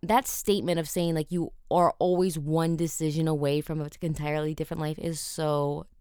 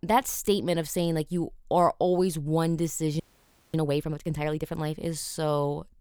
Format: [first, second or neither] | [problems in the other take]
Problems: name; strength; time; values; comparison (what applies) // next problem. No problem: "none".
first | audio freezing; at 3 s for 0.5 s